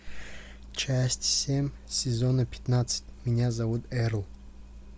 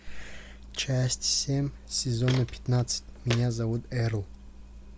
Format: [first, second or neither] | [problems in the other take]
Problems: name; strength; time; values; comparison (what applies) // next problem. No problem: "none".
first | background sound (Walk, footsteps); 11 dB below the speech